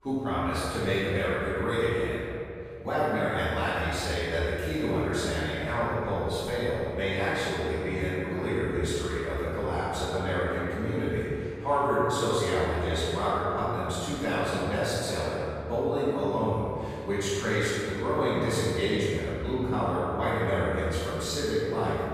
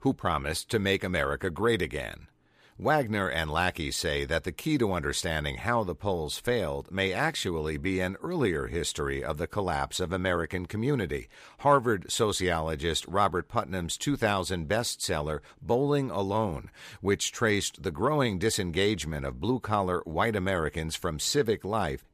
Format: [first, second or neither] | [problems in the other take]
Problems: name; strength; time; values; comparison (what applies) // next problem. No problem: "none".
second | off-mic speech; far // room echo; strong; dies away in 2.5 s